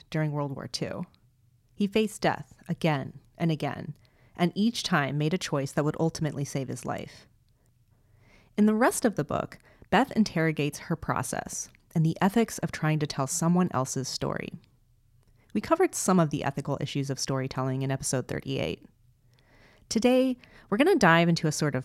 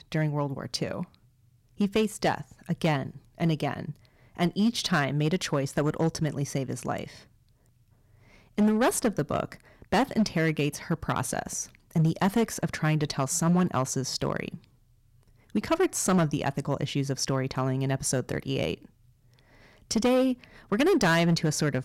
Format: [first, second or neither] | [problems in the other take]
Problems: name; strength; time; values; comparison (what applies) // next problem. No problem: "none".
first | distortion; slight; 4% of the sound clipped